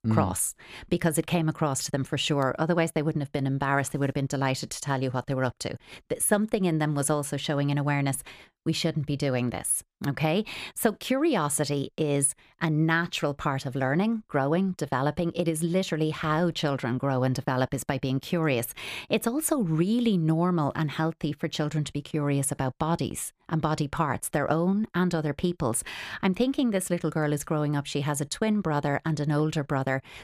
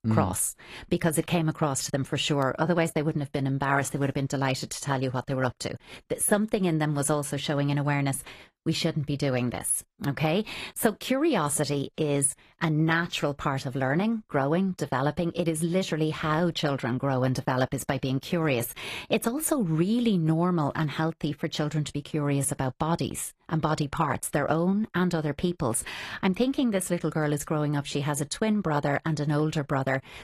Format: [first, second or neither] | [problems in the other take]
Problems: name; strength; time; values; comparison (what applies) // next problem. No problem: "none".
first | garbled, watery; slightly